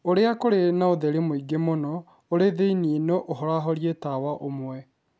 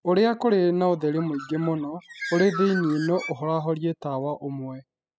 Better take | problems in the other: first | noise reduction (classical method spectral subtraction)

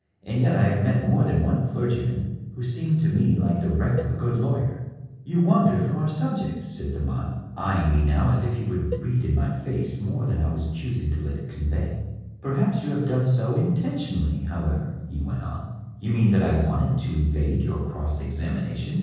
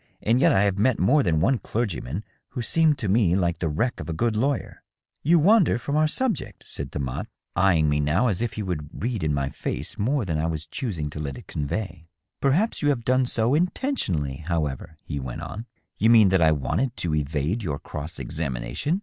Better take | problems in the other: second | noise reduction (neural separator model SepFormer DNS4)

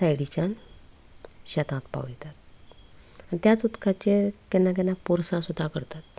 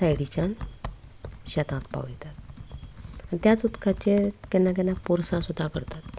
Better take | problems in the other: first | background sound (Computer keyboard); 13 dB below the speech

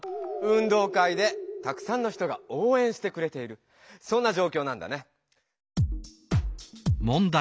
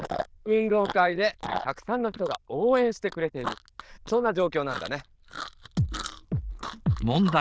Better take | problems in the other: first | noise reduction (neural diffusion model UNIVERSE++)

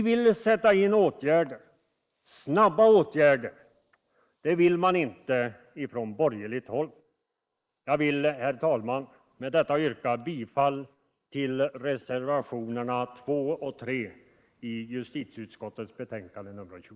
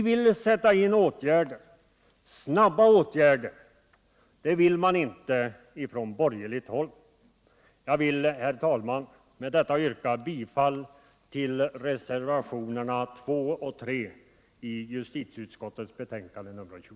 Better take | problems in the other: second | noise reduction (neural mask model Resemble Enhance denoiser)

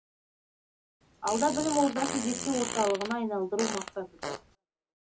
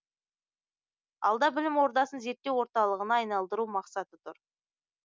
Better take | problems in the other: second | background sound (Fart); 5 dB below the speech // room echo; dies away in 0.4 s

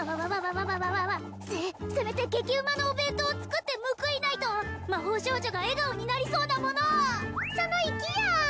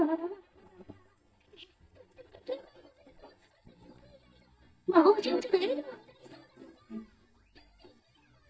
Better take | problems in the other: first | noise reduction (neural mask model DeepFilterNet 3)

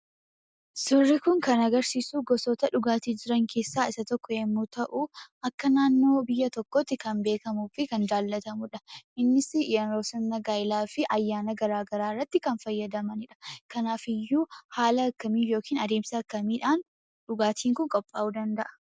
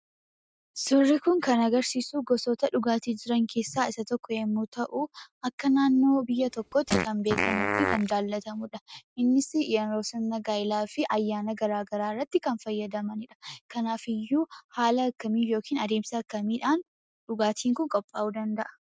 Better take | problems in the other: first | noise reduction (neural mask model RNNoise)

